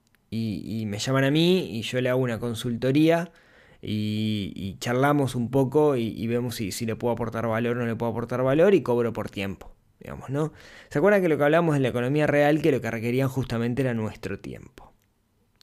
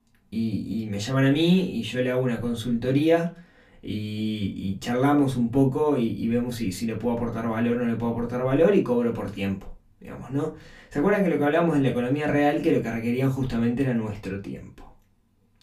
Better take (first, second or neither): first